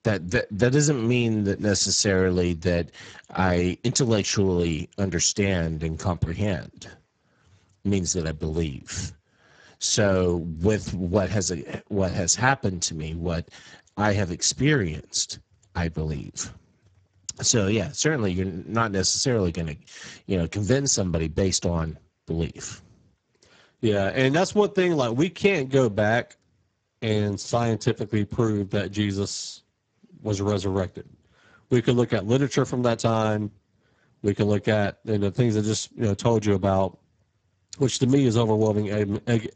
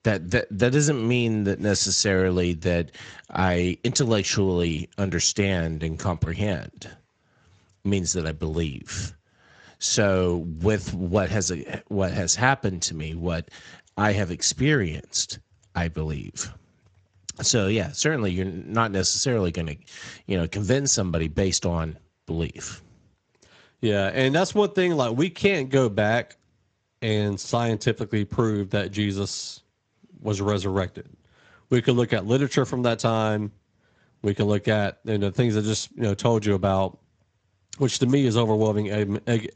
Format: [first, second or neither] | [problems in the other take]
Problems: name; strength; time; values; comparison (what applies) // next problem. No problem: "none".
second | garbled, watery; badly; nothing above 7.5 kHz; slightly in the second